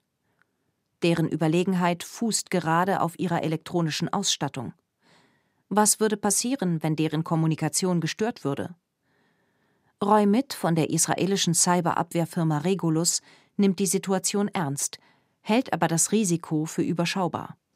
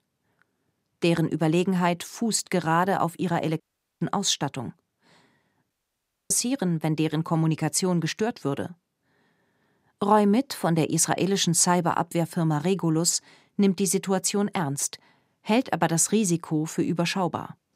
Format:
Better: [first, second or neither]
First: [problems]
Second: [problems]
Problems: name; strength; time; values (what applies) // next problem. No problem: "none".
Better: first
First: none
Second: audio cutting out; at 3.5 s and at 5.5 s for 0.5 s